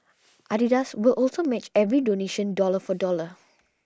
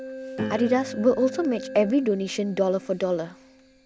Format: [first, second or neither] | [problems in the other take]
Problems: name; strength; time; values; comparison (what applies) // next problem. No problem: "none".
first | background sound (Keyboard (musical) + Piano); 11 dB below the speech